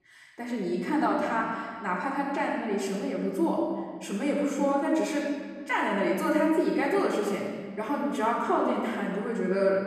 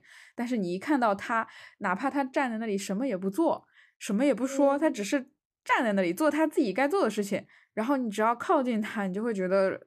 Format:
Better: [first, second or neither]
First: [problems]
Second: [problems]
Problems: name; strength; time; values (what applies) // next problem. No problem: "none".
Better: second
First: room echo; noticeable; dies away in 1.7 s // off-mic speech; far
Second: none